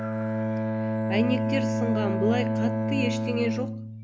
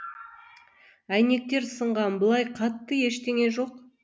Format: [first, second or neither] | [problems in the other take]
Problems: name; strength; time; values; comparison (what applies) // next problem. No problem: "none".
second | background sound (Bowed string instrument); 3 dB above the speech